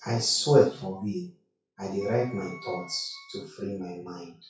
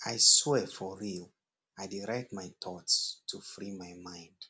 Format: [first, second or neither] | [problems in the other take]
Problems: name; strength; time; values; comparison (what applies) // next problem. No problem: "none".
second | noise reduction (classical method WPE with log-MMSE)